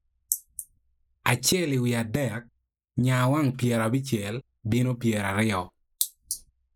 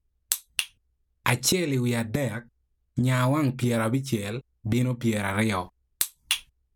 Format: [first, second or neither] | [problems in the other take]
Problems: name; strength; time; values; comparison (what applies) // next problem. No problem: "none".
second | noise reduction (neural mask model Resemble Enhance denoiser)